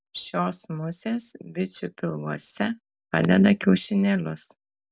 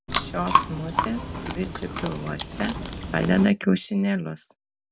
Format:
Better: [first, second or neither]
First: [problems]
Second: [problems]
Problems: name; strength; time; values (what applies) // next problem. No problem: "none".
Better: first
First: none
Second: background sound (Chewing, mastication); 2 dB below the speech